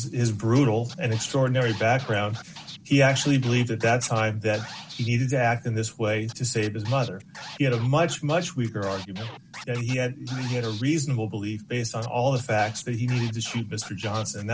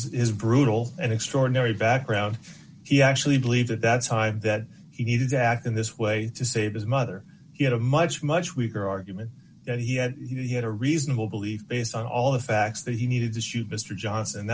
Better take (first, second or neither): second